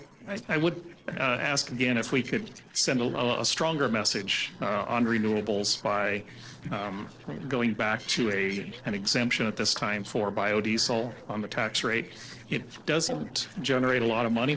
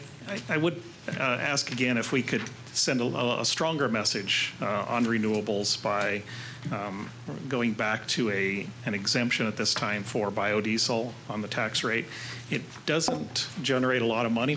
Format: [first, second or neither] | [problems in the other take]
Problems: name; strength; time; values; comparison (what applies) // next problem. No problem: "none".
second | noise reduction (neural separator model SepFormer DNS4)